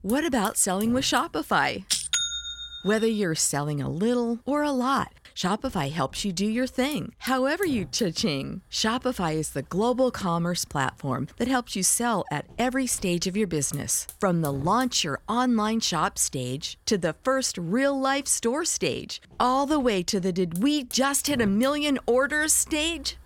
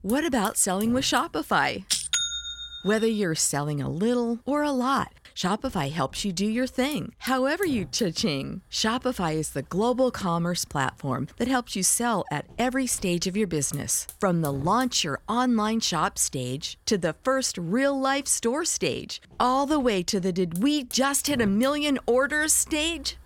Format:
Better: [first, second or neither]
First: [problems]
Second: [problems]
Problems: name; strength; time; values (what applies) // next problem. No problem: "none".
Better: neither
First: hiss; faint; throughout; 20 dB below the speech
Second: hiss; faint; throughout; 20 dB below the speech